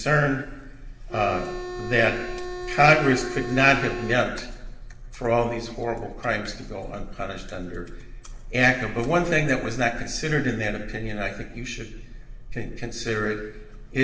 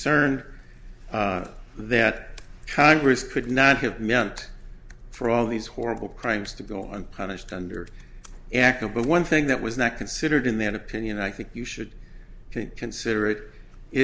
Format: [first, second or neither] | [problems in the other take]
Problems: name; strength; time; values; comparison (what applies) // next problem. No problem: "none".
second | background sound (Organ); 8 dB below the speech // room echo; dies away in 1 s